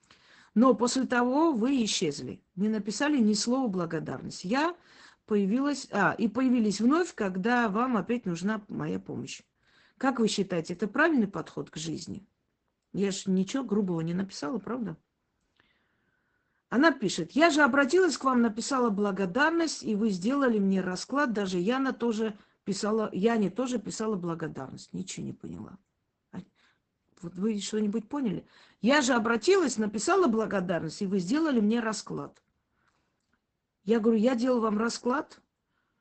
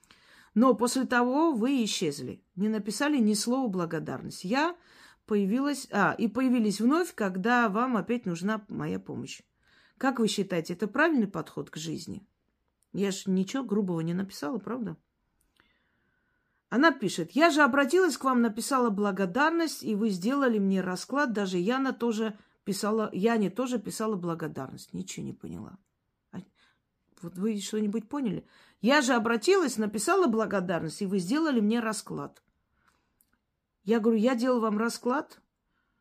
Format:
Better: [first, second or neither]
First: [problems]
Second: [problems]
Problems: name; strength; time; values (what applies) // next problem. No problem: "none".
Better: second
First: garbled, watery; badly; nothing above 8 kHz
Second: none